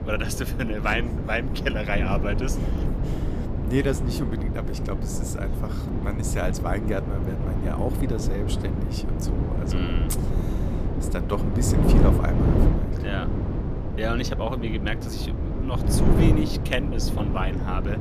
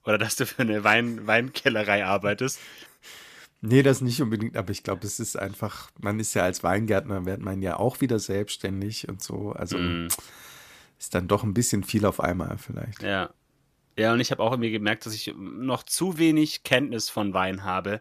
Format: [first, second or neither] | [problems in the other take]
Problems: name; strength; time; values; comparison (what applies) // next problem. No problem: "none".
second | wind noise on the microphone; heavy; 3 dB below the speech